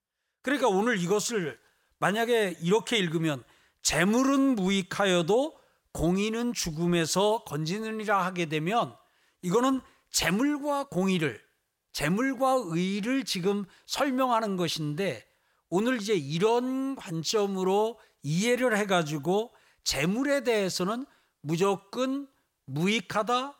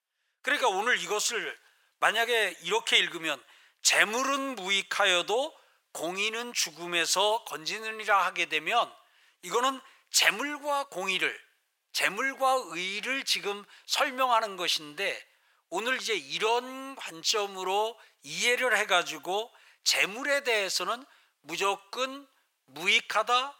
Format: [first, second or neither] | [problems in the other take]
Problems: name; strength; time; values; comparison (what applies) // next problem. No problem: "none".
first | thin; very; fading below 650 Hz